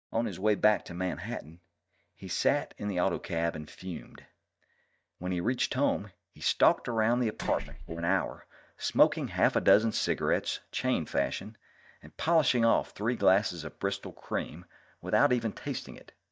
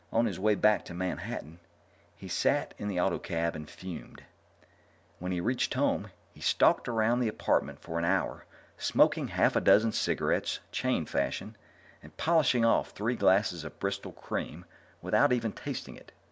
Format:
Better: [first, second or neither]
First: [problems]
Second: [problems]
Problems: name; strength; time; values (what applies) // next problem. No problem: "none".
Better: second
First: noise reduction (neural mask model DeepFilterNet 3)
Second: none